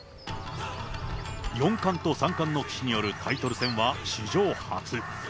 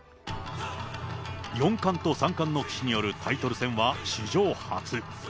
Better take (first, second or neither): second